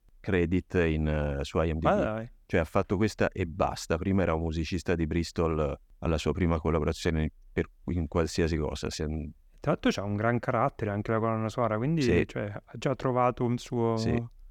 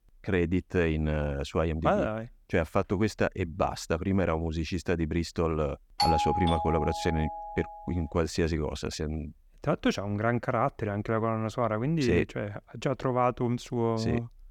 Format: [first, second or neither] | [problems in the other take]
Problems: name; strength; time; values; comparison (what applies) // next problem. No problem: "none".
first | doorbell; loud; from 6 to 7.5 s; peak 3 dB above the speech